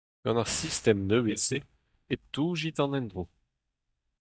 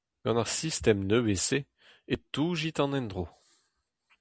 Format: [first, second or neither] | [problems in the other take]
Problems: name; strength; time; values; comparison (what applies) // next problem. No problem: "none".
second | noise reduction (neural mask model DeepFilterNet 3)